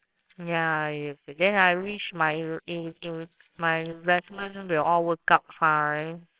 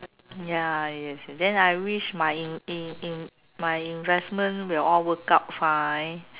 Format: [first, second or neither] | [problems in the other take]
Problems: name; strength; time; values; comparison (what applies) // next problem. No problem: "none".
second | noise reduction (neural separator model SepFormer WHAMR!)